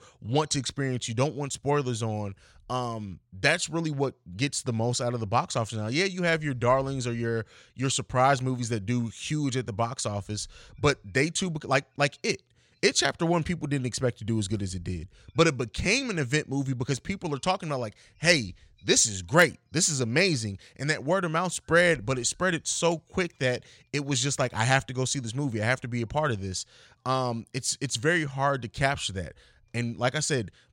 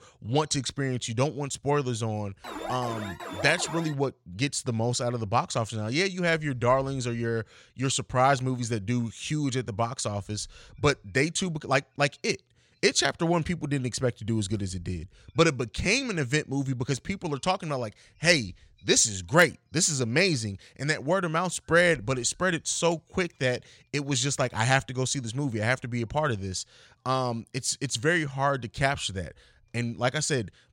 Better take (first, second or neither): first